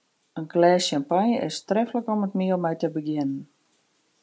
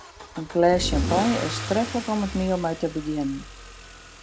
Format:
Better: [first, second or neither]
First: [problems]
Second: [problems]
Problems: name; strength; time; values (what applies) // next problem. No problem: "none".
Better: first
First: none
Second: background sound (Engine starting / Accelerating, revving, vroom / Car); 7 dB below the speech